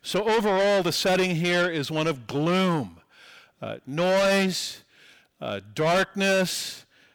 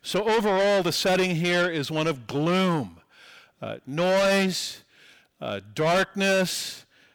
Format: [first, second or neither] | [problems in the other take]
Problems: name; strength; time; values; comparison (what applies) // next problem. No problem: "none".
neither | distortion; heavy; 6 dB below the speech; the same in both